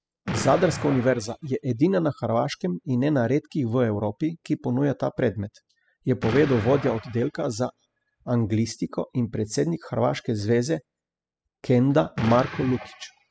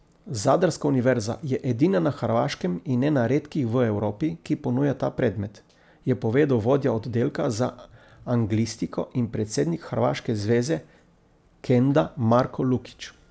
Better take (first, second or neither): second